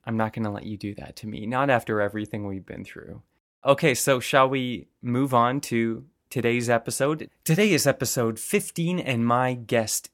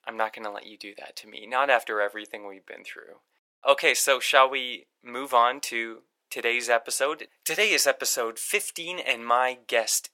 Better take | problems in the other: first | thin; very; fading below 500 Hz

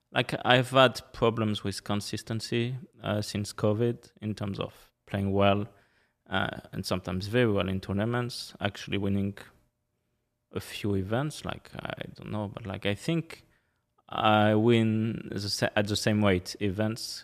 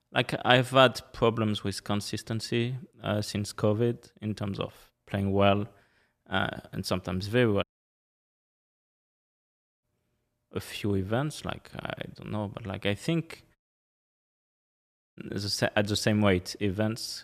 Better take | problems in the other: first | audio cutting out; at 7.5 s for 2 s and at 14 s for 1.5 s

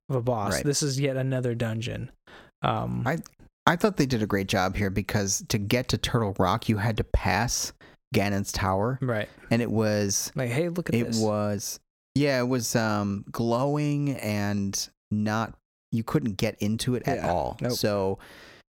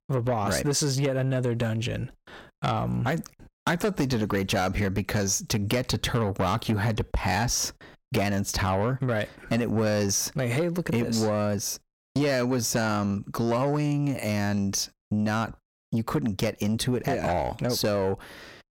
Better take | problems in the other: first | distortion; slight; 10 dB below the speech

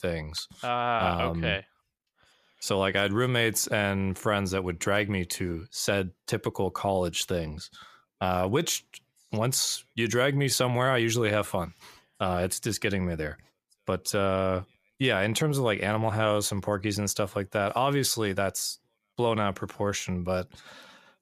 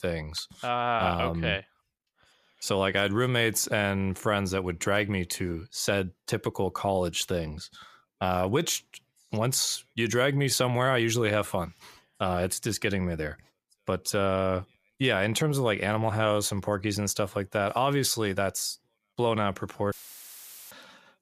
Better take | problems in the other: first | audio cutting out; filled with static; at 20 s for 1 s

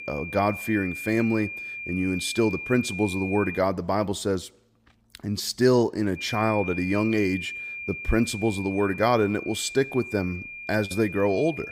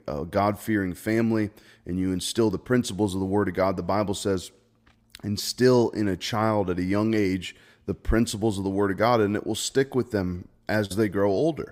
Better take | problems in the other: second | high-pitched whine; loud; until 3.5 s and from 6 s on; 2.5 kHz, 9 dB below the speech

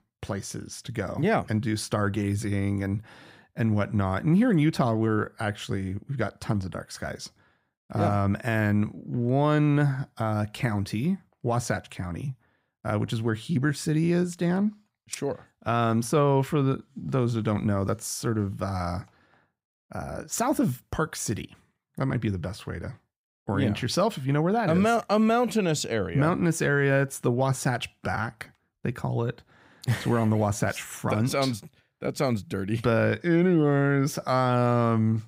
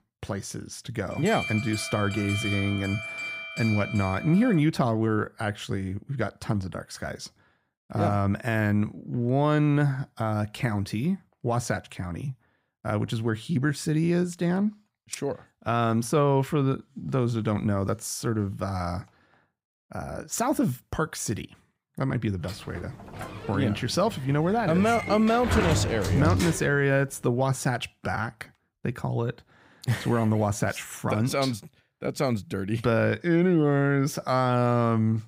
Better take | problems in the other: first | alarm; noticeable; from 1 to 4.5 s; peak 3 dB below the speech // door banging; loud; from 23 to 27 s; peak 1 dB above the speech

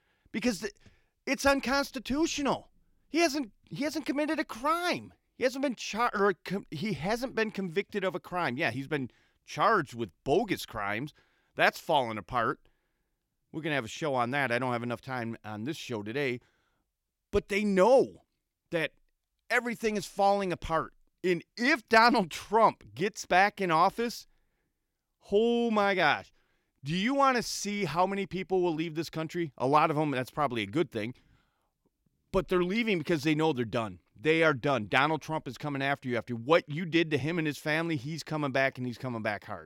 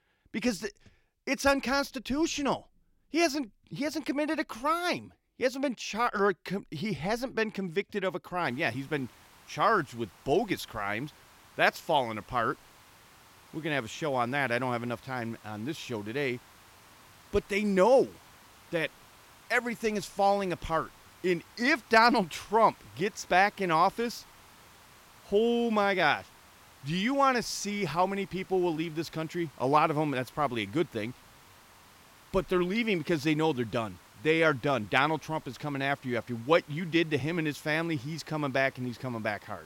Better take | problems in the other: first | hiss; faint; from 8.5 s on; 25 dB below the speech

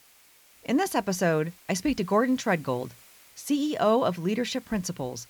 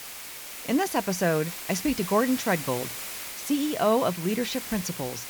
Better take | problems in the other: first | hiss; loud; throughout; 8 dB below the speech; faint in the first

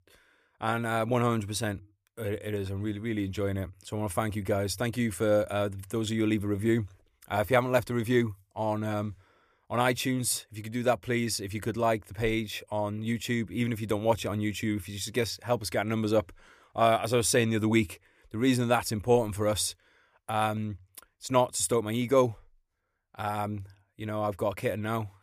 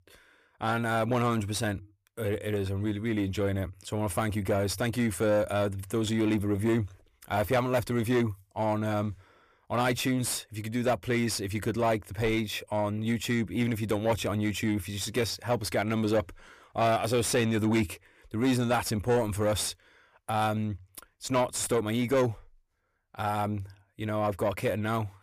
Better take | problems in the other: first | distortion; slight; 10 dB below the speech

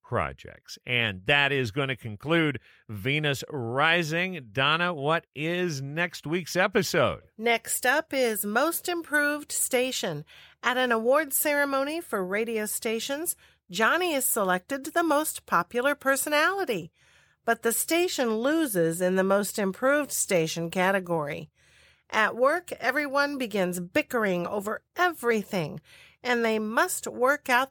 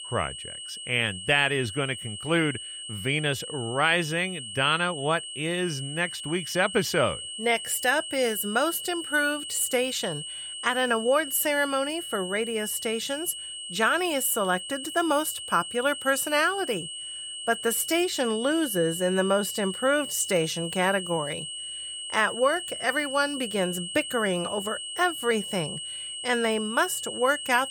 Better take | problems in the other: first | high-pitched whine; loud; throughout; 3 kHz, 8 dB below the speech

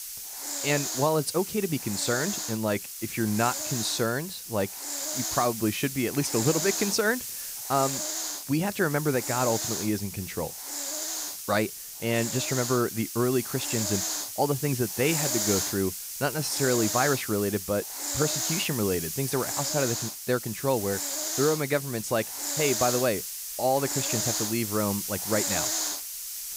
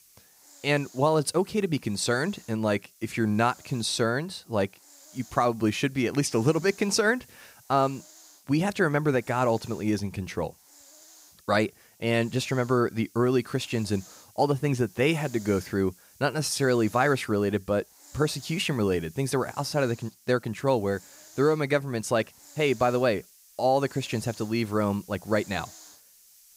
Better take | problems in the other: second | hiss; loud; throughout; 2 dB below the speech; faint in the second

